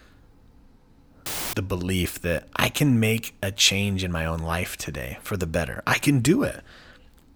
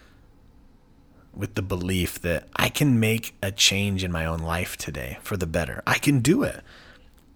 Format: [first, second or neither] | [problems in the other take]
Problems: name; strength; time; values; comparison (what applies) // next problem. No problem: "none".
second | audio cutting out; filled with static; at 1.5 s